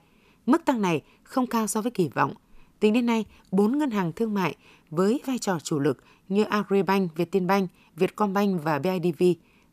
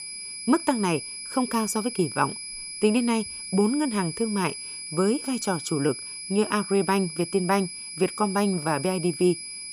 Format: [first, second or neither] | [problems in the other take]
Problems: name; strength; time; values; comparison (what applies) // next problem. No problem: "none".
first | high-pitched whine; loud; throughout; 10 kHz, 8 dB below the speech